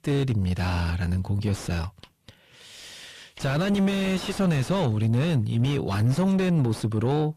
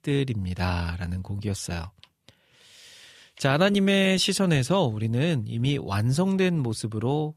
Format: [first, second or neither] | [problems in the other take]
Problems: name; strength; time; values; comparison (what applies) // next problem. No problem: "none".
second | distortion; heavy; 5 dB below the speech